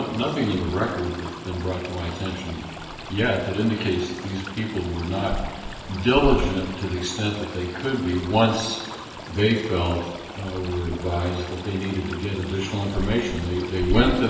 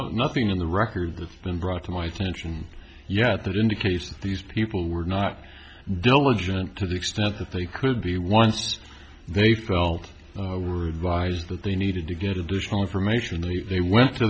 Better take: second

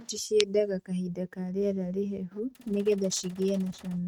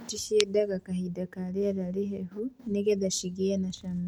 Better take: second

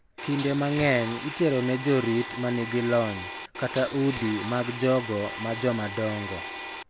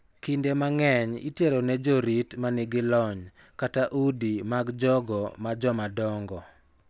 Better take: second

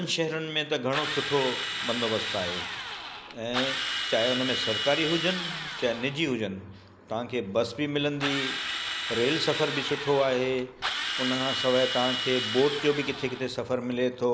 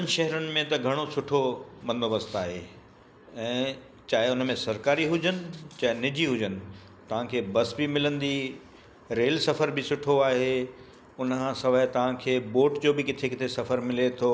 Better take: second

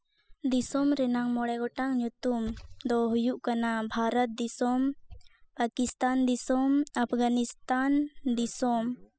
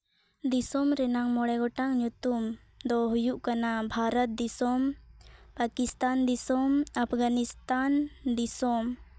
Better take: second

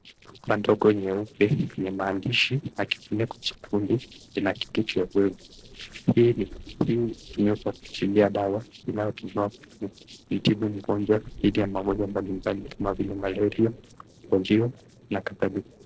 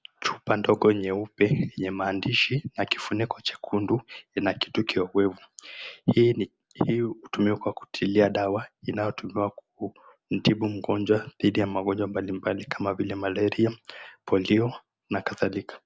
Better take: second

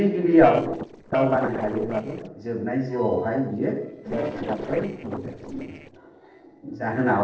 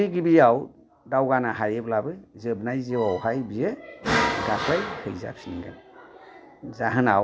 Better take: second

